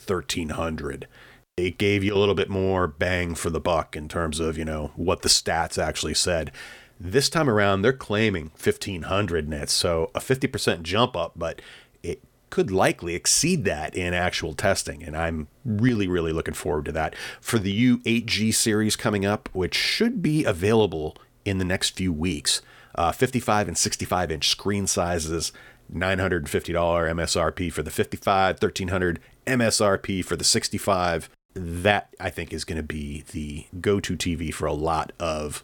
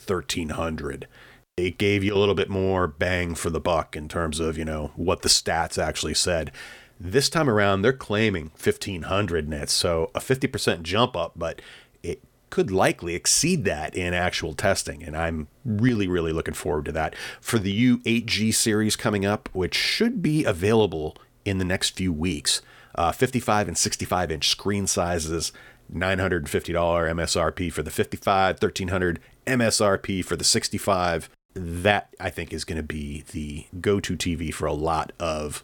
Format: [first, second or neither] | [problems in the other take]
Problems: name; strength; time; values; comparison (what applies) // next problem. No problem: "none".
neither | none